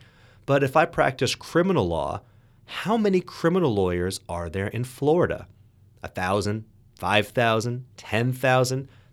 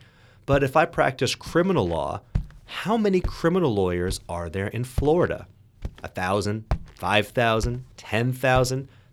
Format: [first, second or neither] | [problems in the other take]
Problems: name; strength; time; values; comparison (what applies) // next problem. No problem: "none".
first | footsteps; noticeable; from 0.5 s on; peak 8 dB below the speech